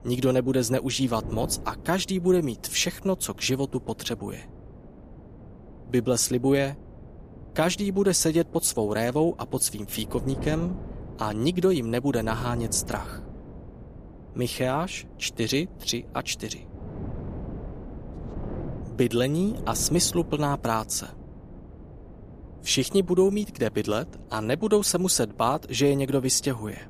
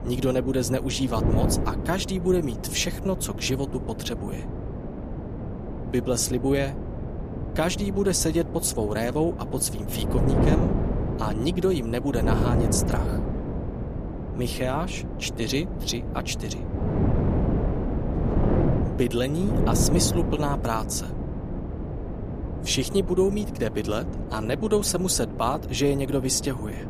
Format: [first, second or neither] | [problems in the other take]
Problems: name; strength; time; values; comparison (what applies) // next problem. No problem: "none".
first | wind noise on the microphone; heavy; 7 dB below the speech; occasional gusts in the first